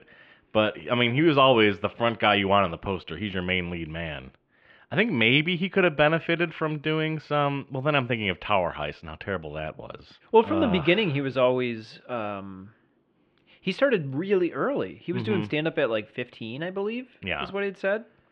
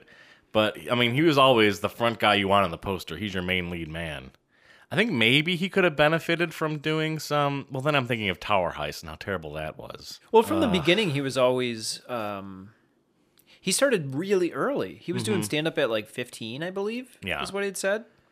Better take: second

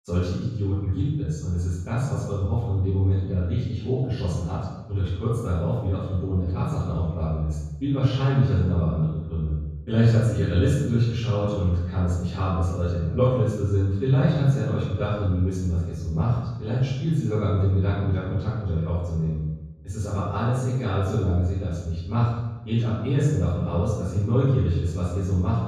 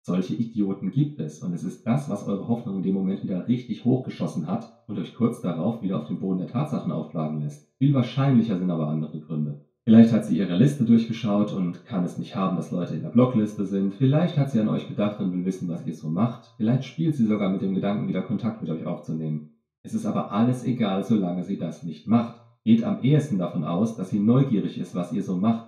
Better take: second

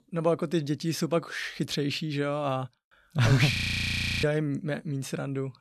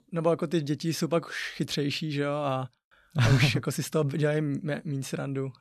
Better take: second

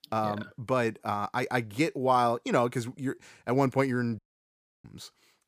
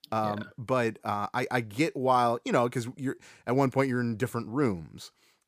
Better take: second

